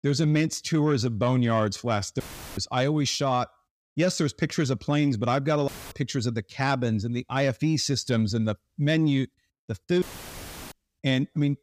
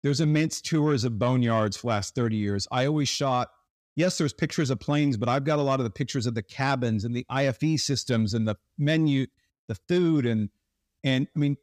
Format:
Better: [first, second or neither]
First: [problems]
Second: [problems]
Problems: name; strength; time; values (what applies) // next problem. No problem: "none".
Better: second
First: audio cutting out; filled with static; at 2 s, at 5.5 s and at 10 s for 0.5 s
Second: none